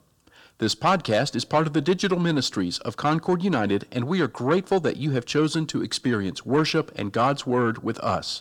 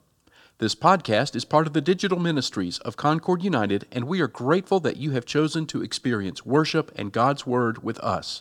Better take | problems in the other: second | distortion; slight; 10 dB below the speech

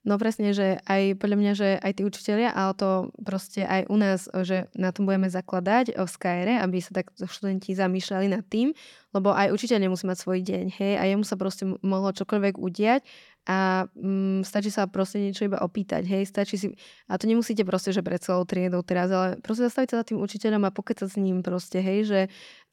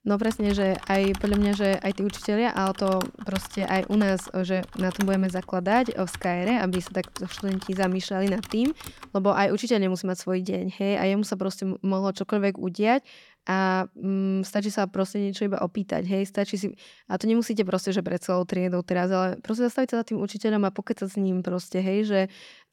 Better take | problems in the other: first | keyboard typing; noticeable; until 9 s; peak 10 dB below the speech

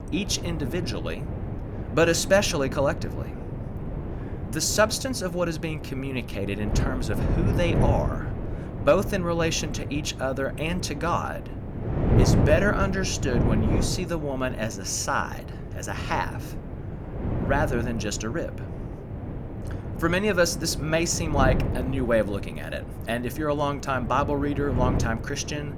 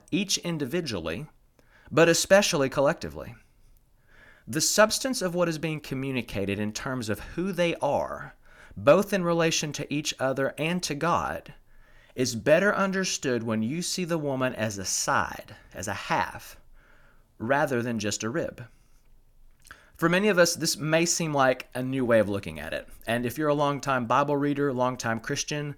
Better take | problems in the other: second | wind noise on the microphone; occasional gusts; 10 dB below the speech

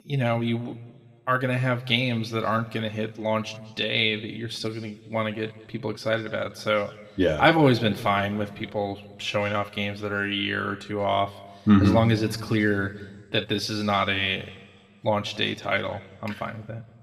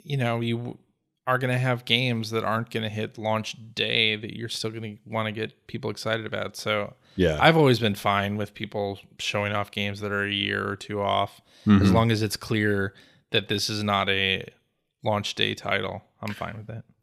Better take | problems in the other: second | room echo; slight; dies away in 1.4 s

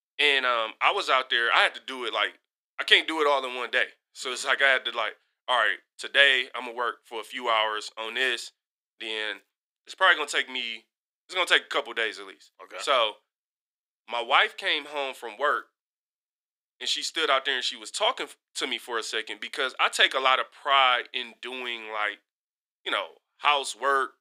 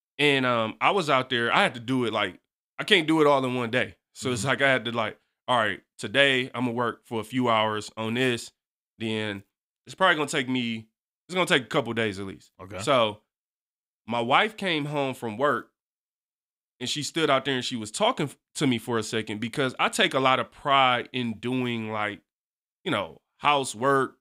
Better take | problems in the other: second | thin; very; fading below 400 Hz

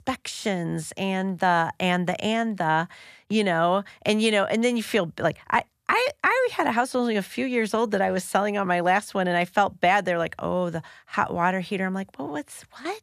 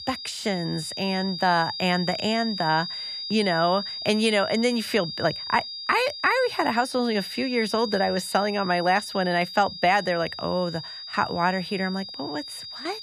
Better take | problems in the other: first | high-pitched whine; loud; throughout; 5 kHz, 8 dB below the speech

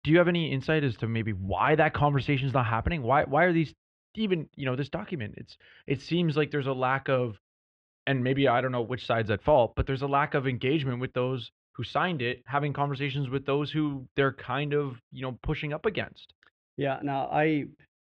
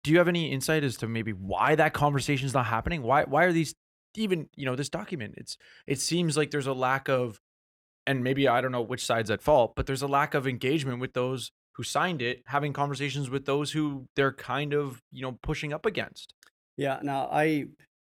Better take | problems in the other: second | muffled; slightly; fading above 3.5 kHz

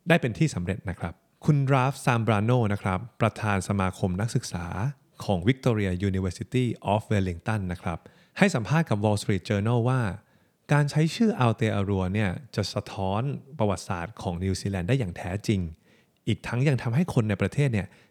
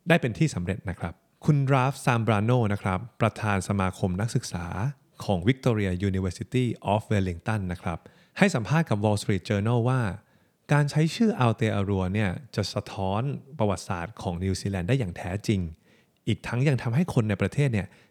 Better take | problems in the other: neither | none

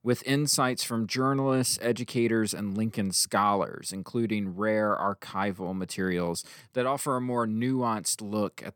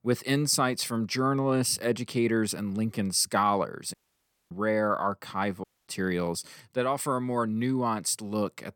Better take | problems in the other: first | audio cutting out; at 4 s for 0.5 s and at 5.5 s

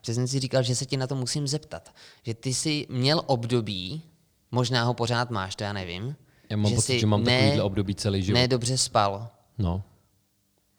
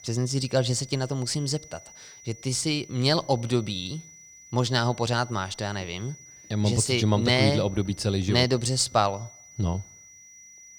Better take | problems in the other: first | high-pitched whine; faint; throughout; 6 kHz, 20 dB below the speech

